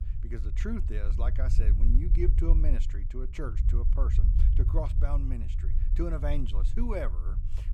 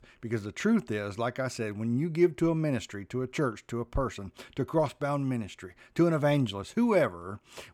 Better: second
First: low rumble; loud; throughout; 8 dB below the speech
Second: none

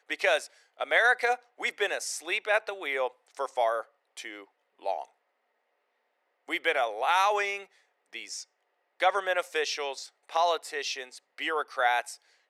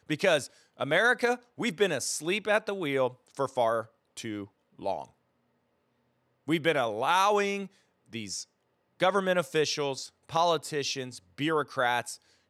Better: second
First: thin; very; fading below 400 Hz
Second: none

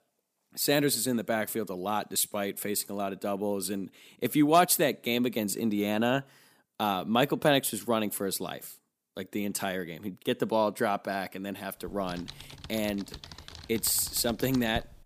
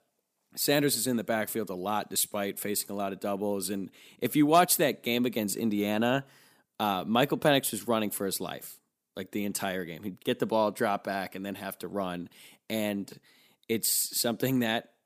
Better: second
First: keyboard typing; faint; from 12 s on; peak 15 dB below the speech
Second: none

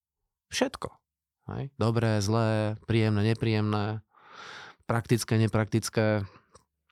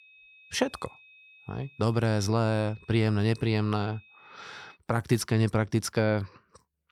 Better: first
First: none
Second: high-pitched whine; faint; until 5 s; 2.5 kHz, 25 dB below the speech

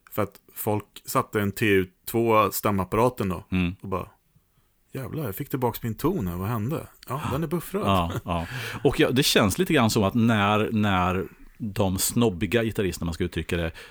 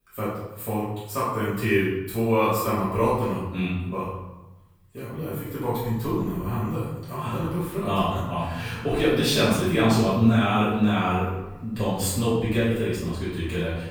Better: first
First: none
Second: off-mic speech; far // room echo; strong; dies away in 0.9 s

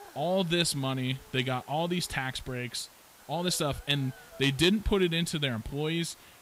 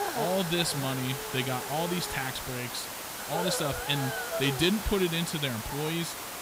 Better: first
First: hiss; faint; throughout; 20 dB below the speech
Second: hiss; loud; throughout; 4 dB below the speech

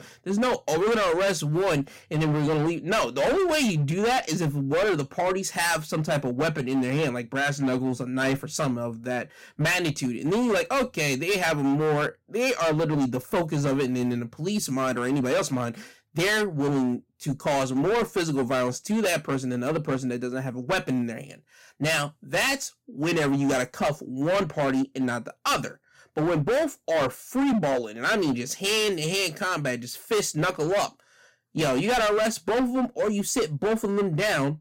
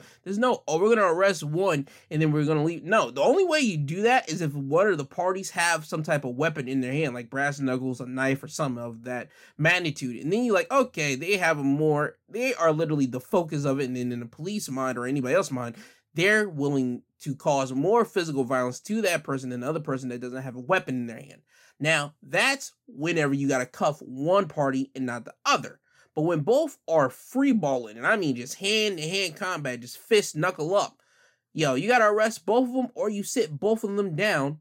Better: second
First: distortion; heavy; 19% of the sound clipped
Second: none

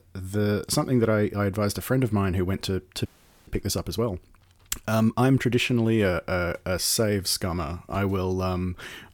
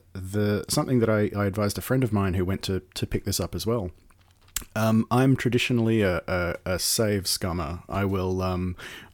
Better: second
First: audio freezing; at 3 s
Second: none

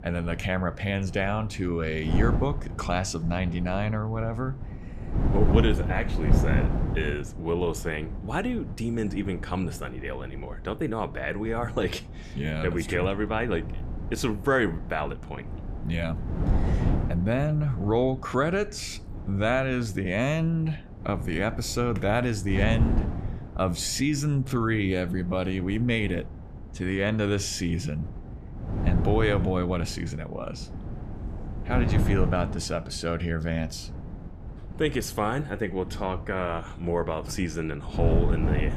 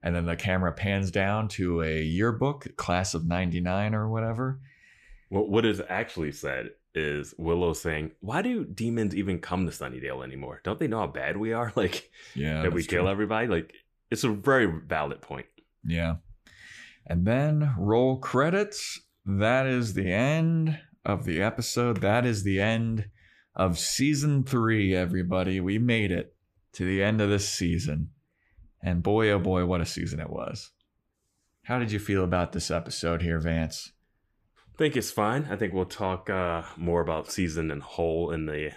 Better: second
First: wind noise on the microphone; occasional gusts; 10 dB below the speech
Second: none

